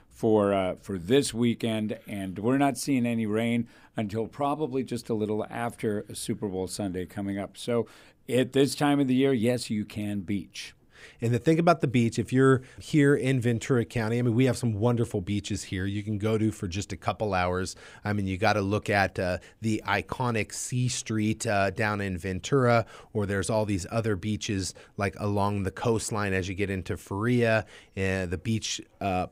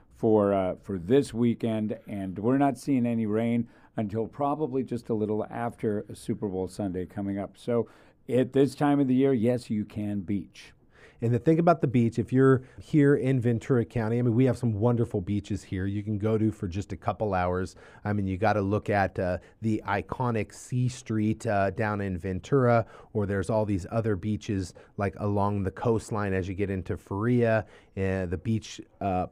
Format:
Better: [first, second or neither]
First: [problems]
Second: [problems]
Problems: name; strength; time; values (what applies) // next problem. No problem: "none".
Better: first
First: none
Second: muffled; slightly; fading above 2 kHz